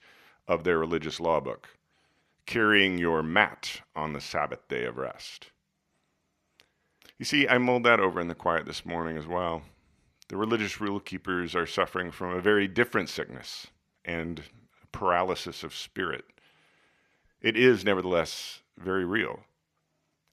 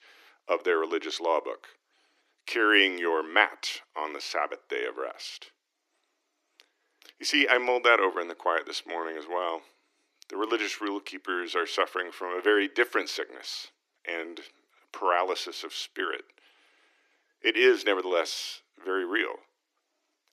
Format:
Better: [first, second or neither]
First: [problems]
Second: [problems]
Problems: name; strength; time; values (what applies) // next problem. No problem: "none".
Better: first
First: none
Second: thin; somewhat; fading below 300 Hz